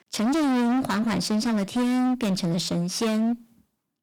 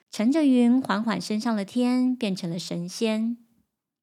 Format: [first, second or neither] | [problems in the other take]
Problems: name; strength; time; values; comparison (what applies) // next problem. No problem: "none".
second | distortion; heavy; 34% of the sound clipped